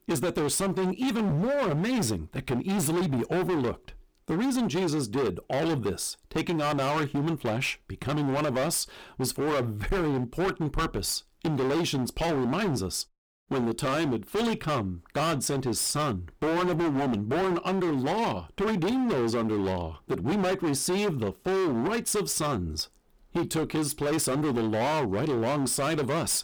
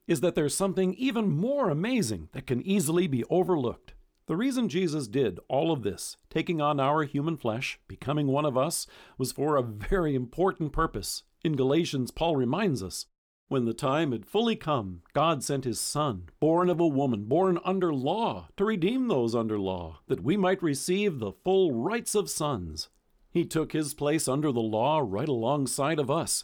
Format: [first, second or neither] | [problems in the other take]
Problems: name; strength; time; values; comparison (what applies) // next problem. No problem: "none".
second | distortion; heavy; 28% of the sound clipped